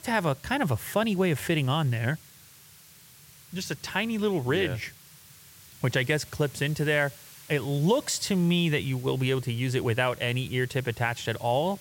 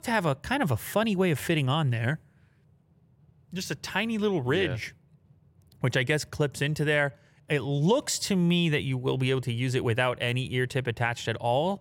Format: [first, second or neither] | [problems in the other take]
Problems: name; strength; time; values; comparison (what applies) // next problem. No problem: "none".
second | hiss; faint; throughout; 20 dB below the speech